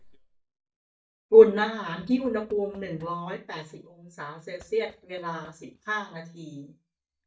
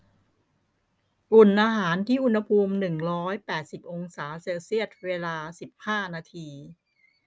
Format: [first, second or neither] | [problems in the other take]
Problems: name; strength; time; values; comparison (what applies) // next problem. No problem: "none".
second | noise reduction (neural mask model DeepFilterNet 3)